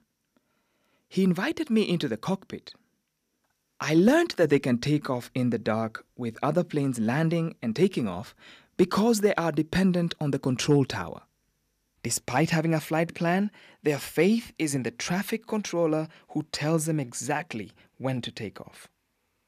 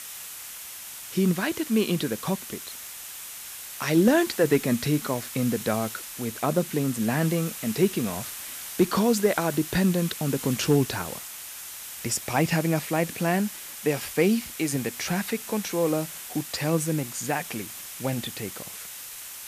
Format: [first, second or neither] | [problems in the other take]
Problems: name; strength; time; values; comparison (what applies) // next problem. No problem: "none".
first | hiss; loud; throughout; 10 dB below the speech